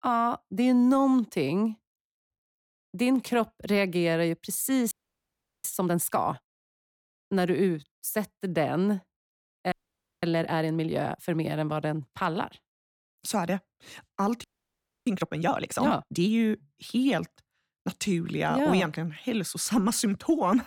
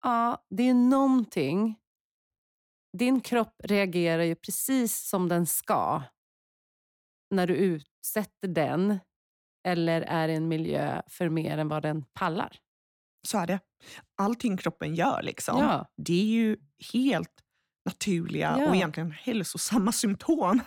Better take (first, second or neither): second